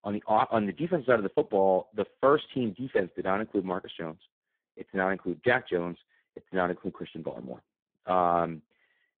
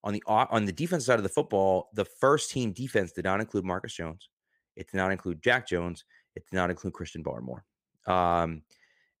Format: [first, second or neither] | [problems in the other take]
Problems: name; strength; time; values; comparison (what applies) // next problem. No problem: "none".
second | phone-call audio; poor line